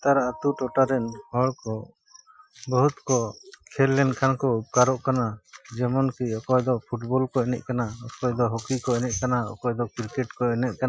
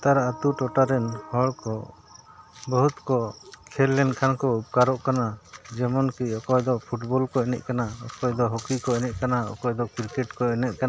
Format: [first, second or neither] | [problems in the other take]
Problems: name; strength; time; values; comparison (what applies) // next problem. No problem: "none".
second | noise reduction (classical method Wiener filter)